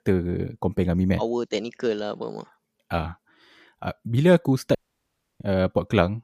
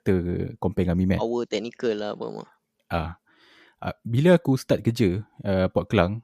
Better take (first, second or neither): second